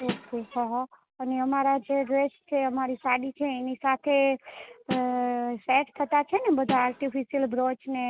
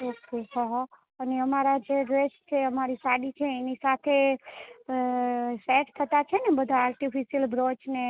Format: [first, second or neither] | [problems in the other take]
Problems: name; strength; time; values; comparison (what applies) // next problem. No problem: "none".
second | background sound (Snare drum); 8 dB below the speech